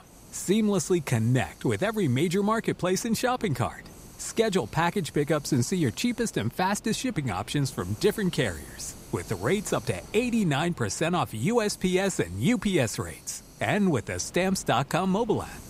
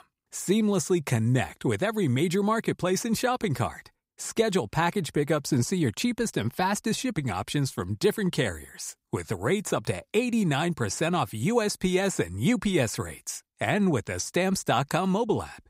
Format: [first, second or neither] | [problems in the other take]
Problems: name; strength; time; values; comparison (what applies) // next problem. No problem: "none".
second | hiss; faint; throughout; 20 dB below the speech